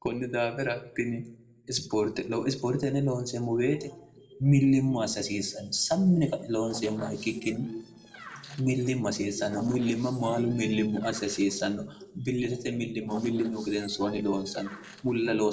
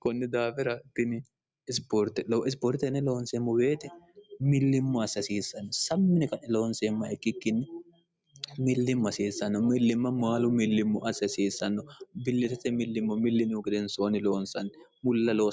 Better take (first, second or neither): second